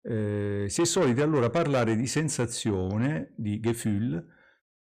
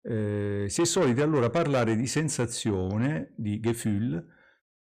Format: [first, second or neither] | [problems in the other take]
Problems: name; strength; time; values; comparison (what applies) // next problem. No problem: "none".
neither | distortion; slight; 10 dB below the speech; the same in both